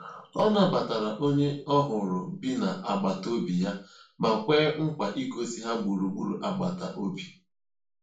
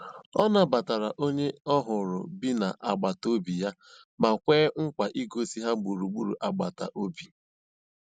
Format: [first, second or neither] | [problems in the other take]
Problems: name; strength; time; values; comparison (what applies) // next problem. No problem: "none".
second | room echo; dies away in 0.3 s